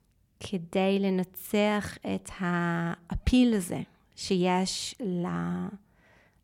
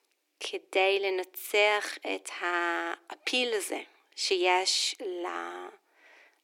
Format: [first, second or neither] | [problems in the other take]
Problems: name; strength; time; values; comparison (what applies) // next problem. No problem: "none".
first | thin; very; fading below 300 Hz